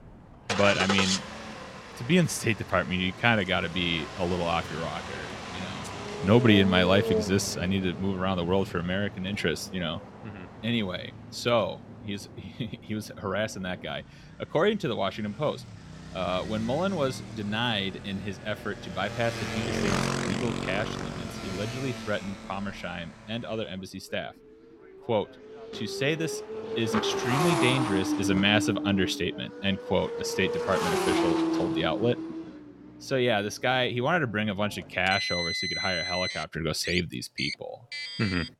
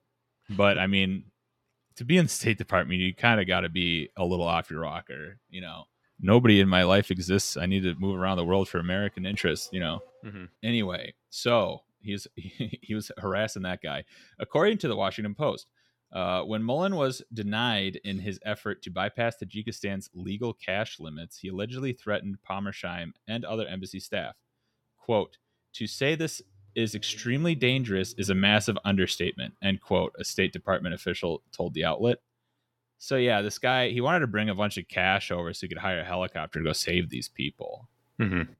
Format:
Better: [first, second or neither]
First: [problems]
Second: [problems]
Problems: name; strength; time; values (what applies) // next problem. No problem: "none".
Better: second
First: traffic noise; loud; throughout; 4 dB below the speech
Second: none